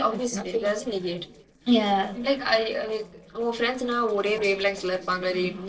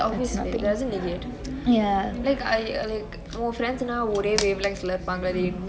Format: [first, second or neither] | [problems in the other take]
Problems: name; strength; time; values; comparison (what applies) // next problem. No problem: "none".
second | noise reduction (neural separator model SepFormer DNS4)